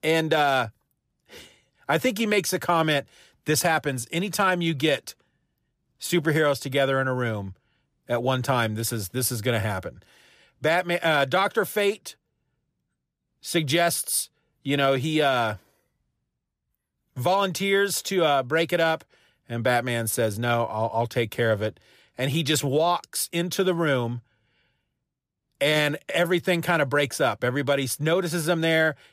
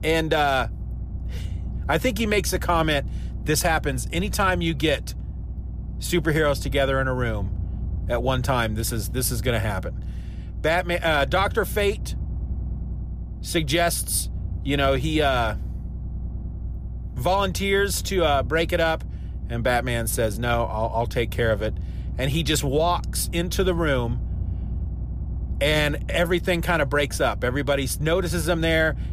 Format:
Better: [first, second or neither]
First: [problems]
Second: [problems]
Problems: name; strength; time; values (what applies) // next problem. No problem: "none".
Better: first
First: none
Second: low rumble; faint; throughout; 25 dB below the speech